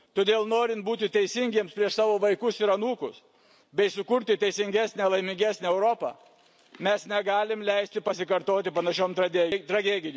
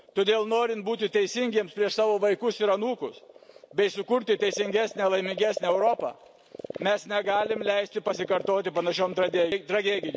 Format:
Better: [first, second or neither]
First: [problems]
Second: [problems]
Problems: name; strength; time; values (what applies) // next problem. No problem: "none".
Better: first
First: none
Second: background sound (Frog); 13 dB below the speech